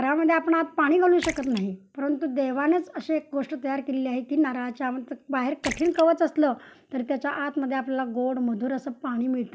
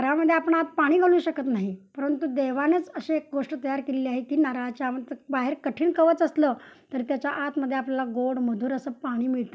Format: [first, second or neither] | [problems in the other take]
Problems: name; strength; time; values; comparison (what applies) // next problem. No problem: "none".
second | background sound (Splash, splatter); 17 dB below the speech